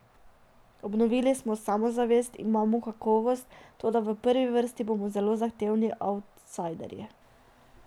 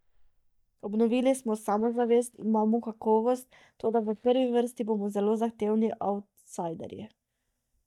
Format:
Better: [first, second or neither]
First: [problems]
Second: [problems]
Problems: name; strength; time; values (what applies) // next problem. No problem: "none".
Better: first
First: none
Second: noise reduction (neural mask model DeepFilterNet 3)